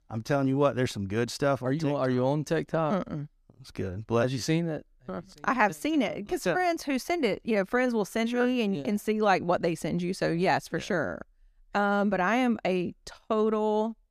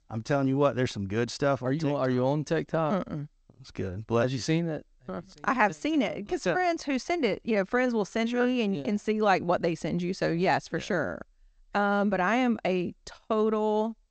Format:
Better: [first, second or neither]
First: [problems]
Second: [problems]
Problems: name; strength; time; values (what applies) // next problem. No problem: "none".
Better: first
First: none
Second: garbled, watery; slightly; nothing above 7.5 kHz